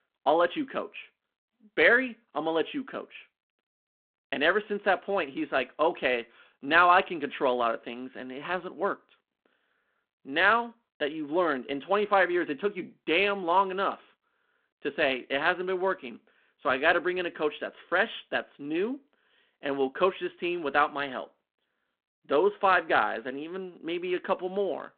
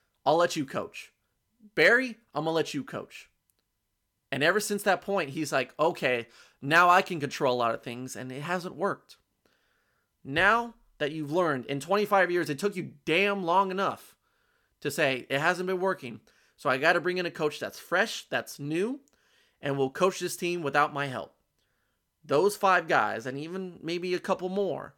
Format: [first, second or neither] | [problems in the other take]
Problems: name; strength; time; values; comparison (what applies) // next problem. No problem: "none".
second | phone-call audio